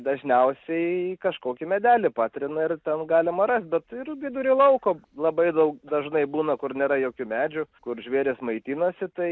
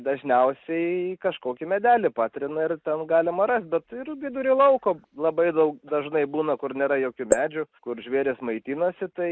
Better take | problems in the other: first | noise reduction (neural mask model Resemble Enhance denoiser)

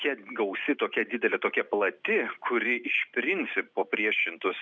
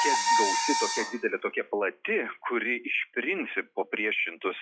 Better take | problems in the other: first | noise reduction (classical method log-MMSE)

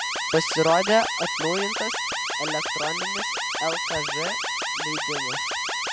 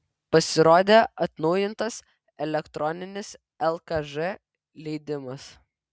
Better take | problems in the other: second | background sound (Alarm); as loud as the speech

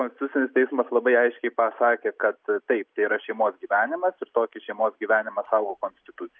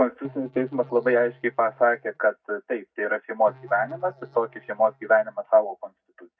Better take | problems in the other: first | noise reduction (neural mask model DeepFilterNet 3)

